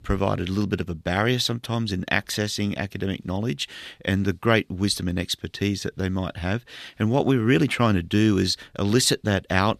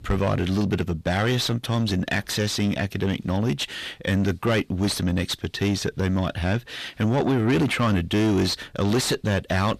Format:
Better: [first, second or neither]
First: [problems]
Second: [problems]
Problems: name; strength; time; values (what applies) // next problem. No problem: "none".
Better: first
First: none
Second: distortion; heavy; 7 dB below the speech